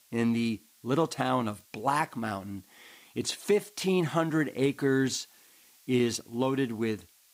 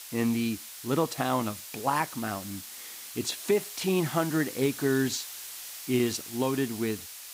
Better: first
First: hiss; faint; throughout; 30 dB below the speech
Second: hiss; loud; throughout; 10 dB below the speech

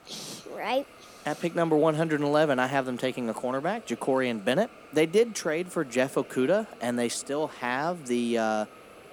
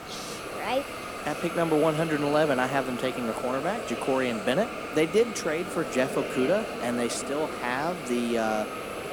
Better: first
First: hiss; faint; throughout; 20 dB below the speech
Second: hiss; loud; throughout; 6 dB below the speech

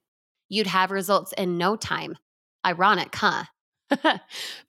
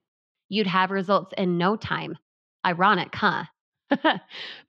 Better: first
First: none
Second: muffled; very slightly; fading above 4 kHz

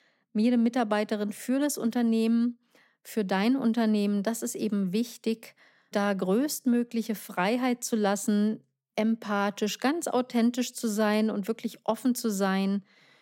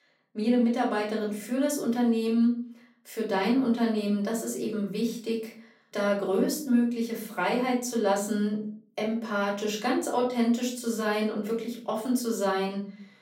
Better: first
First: none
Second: off-mic speech; far // room echo; slight; dies away in 0.4 s

